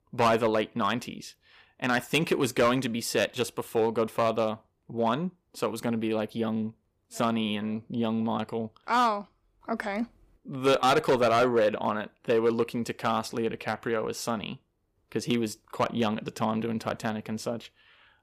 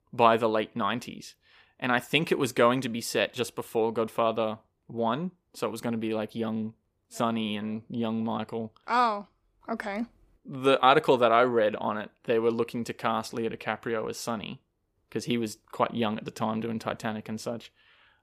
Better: second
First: distortion; slight; 3% of the sound clipped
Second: none

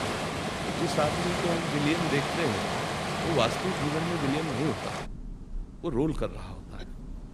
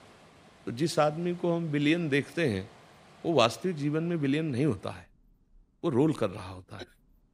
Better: second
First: rain or running water; loud; throughout; as loud as the speech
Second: rain or running water; faint; throughout; 25 dB below the speech

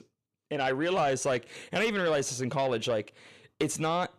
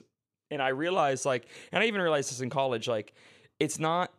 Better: second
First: distortion; slight; 10 dB below the speech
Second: none

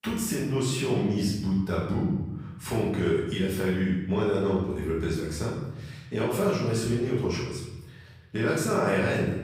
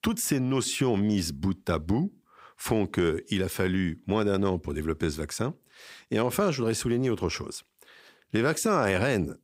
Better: second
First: off-mic speech; far // room echo; noticeable; dies away in 1.2 s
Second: none

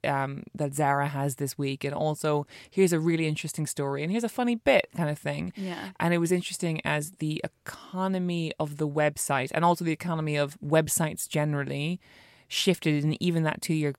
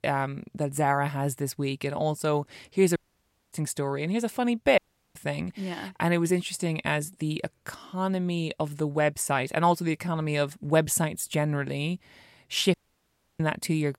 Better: first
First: none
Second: audio cutting out; at 3 s for 0.5 s, at 5 s and at 13 s for 0.5 s

